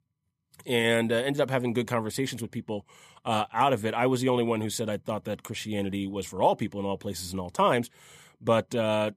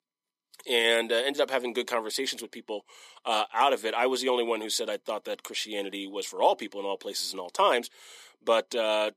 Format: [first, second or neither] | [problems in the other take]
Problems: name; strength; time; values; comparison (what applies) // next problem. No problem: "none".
first | thin; somewhat; fading below 300 Hz